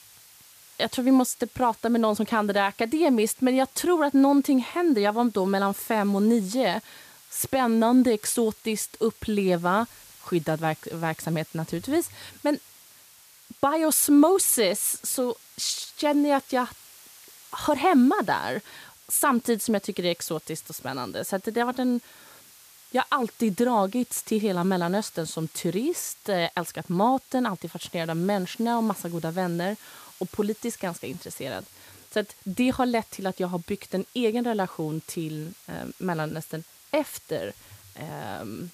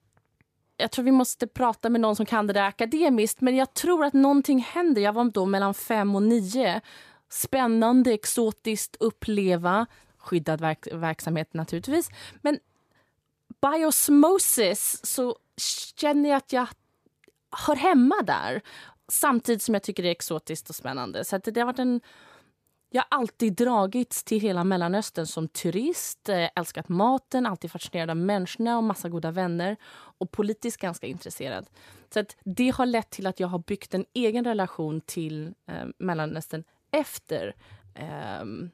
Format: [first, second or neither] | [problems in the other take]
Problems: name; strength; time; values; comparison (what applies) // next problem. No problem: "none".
second | hiss; faint; throughout; 25 dB below the speech